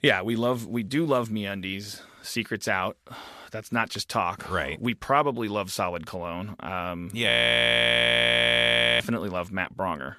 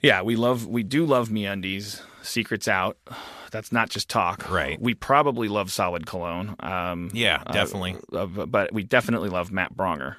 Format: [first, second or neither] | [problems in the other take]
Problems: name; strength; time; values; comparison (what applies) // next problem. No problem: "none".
second | audio freezing; at 7.5 s for 1.5 s